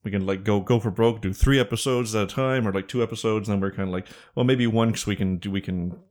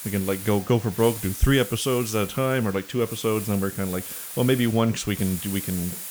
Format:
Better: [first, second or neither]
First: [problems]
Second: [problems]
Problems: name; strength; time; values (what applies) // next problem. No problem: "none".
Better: first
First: none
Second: hiss; loud; throughout; 10 dB below the speech